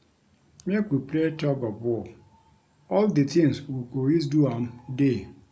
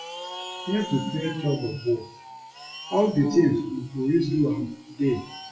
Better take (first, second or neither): first